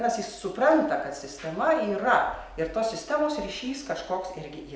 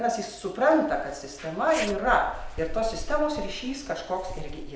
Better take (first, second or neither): first